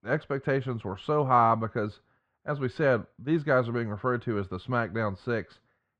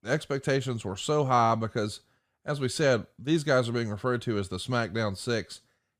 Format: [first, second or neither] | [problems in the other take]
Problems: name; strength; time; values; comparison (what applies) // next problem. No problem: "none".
second | muffled; very; fading above 1.5 kHz